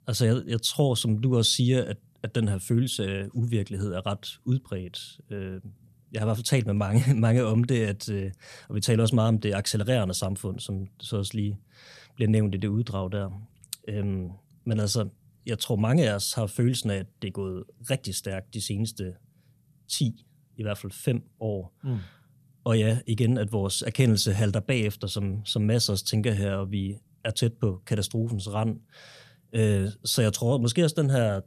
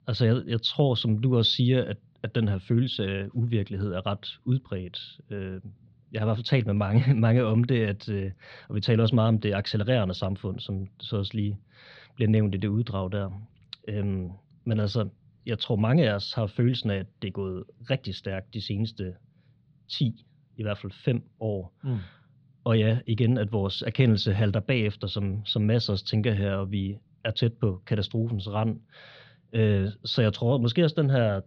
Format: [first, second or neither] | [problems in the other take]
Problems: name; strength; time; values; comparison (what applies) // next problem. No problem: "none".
first | muffled; very slightly; fading above 4 kHz